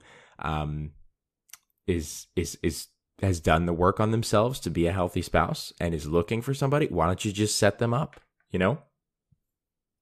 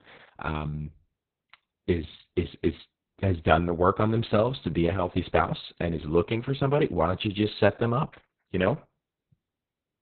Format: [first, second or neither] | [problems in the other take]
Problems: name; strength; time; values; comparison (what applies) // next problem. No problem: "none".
first | garbled, watery; badly; nothing above 4 kHz